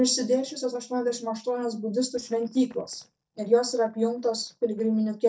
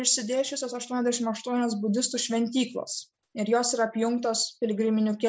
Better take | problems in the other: second | noise reduction (neural mask model DeepFilterNet 3)

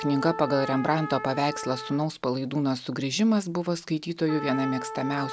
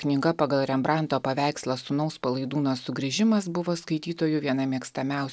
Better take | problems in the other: second | background sound (Trumpet); 11 dB below the speech

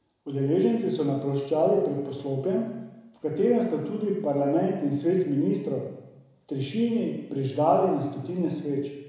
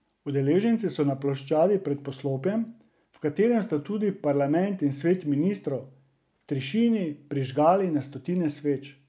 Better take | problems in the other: second | room echo; dies away in 1 s

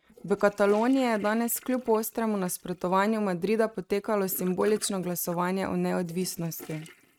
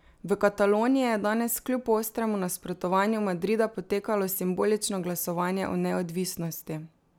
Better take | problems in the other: second | noise reduction (neural mask model RNNoise)

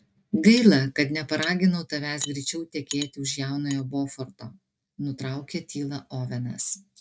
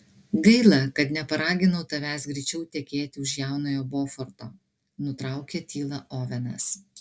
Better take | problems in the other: second | noise reduction (neural mask model RNNoise)

